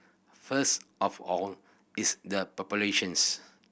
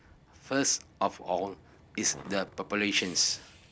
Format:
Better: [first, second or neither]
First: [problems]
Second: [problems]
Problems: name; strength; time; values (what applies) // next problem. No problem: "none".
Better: first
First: none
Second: background sound (Train + Skateboard); 20 dB below the speech